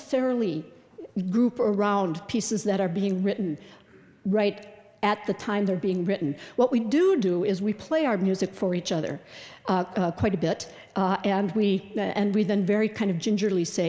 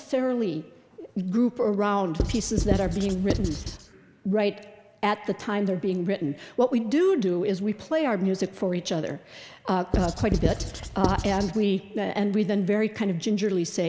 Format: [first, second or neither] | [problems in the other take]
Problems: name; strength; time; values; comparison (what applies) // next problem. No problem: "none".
first | background sound (Writing); 3 dB below the speech